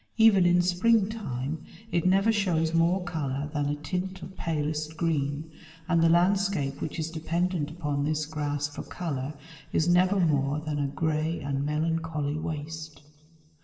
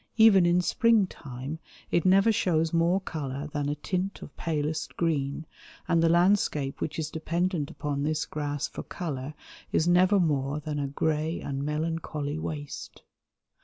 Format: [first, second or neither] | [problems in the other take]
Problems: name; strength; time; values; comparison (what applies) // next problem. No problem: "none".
second | room echo; dies away in 2.4 s